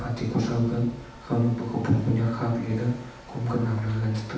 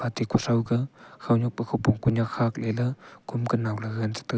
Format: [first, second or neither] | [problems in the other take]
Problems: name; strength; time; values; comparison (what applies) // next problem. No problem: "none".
second | background sound (Mechanisms); 19 dB below the speech // room echo; dies away in 0.9 s